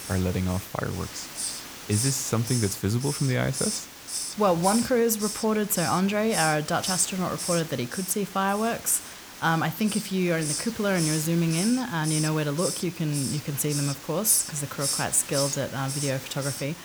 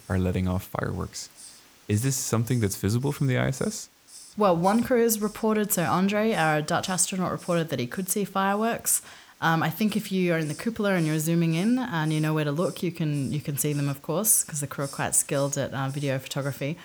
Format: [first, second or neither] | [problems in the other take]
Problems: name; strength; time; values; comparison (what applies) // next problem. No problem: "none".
second | hiss; loud; throughout; 6 dB below the speech; faint in the second